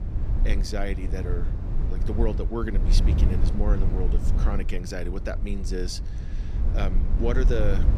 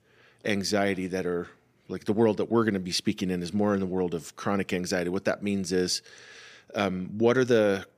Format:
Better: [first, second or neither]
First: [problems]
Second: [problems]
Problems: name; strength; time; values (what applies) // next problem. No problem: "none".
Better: second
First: low rumble; loud; throughout; 7 dB below the speech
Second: none